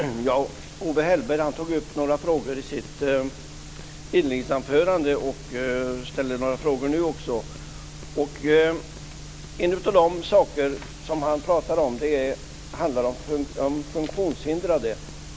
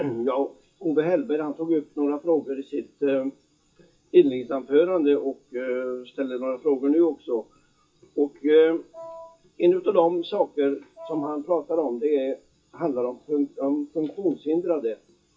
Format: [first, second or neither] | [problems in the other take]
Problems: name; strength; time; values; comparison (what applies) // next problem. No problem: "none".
first | noise reduction (classical method WPE with log-MMSE)